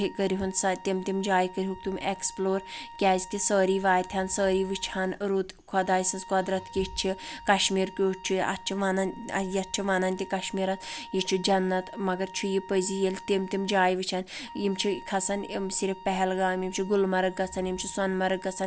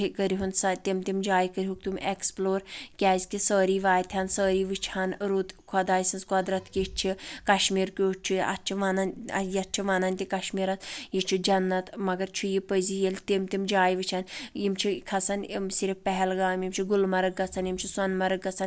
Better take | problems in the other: second | background sound (Wind instrument, woodwind instrument); 18 dB below the speech

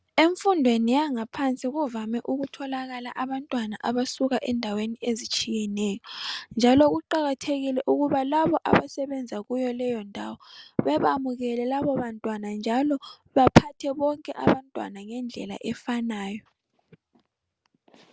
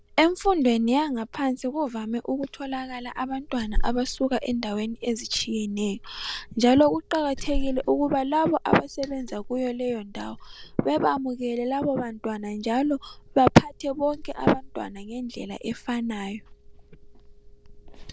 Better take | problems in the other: first | background sound (Liquid); 10 dB below the speech

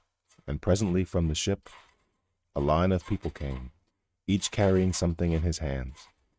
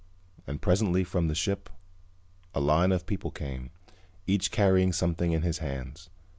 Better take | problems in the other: second | noise reduction (neural mask model RNNoise)

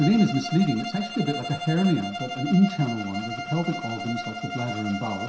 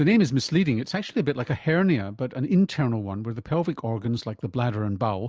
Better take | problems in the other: second | background sound (Bowed string instrument); 9 dB below the speech // room echo; dies away in 0.7 s

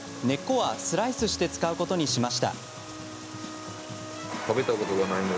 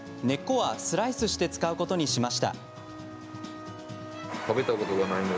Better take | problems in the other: second | background sound (Water); 16 dB below the speech

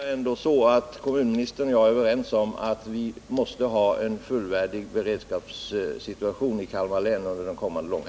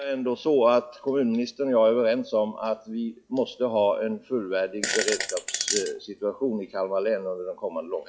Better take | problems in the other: first | noise reduction (classical method log-MMSE)

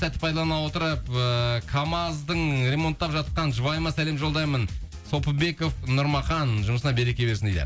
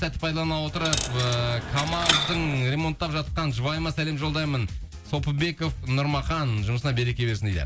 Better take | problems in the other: first | background sound (Coin (dropping)); 3 dB below the speech

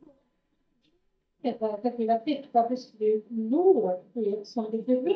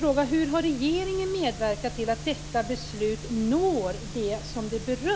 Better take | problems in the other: second | noise reduction (neural mask model DeepFilterNet 3)

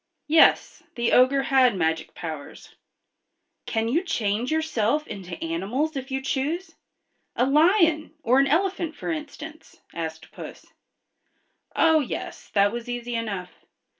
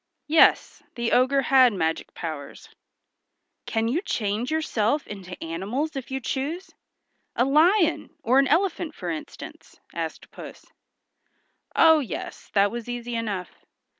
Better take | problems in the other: second | room echo; dies away in 0.2 s

